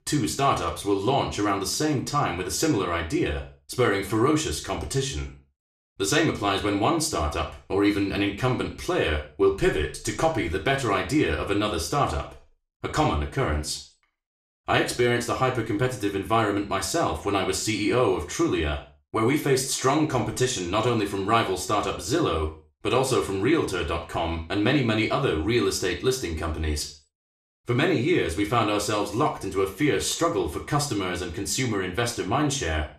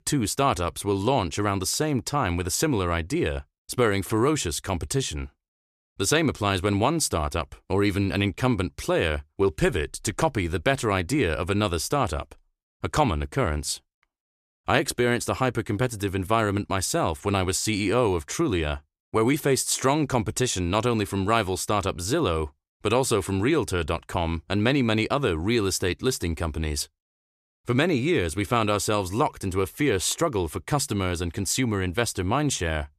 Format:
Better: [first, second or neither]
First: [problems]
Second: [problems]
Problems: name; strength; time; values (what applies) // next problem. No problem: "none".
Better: second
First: room echo; slight; dies away in 0.4 s // off-mic speech; far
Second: none